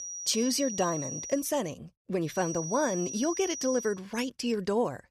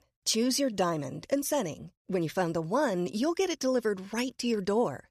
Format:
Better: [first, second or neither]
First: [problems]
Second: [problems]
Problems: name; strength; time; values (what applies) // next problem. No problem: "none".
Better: second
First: high-pitched whine; loud; until 1.5 s and from 2.5 to 4 s; 6 kHz, 6 dB below the speech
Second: none